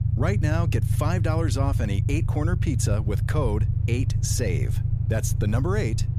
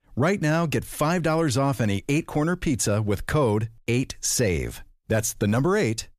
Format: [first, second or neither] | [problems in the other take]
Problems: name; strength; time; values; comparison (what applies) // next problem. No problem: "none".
second | low rumble; loud; throughout; 7 dB below the speech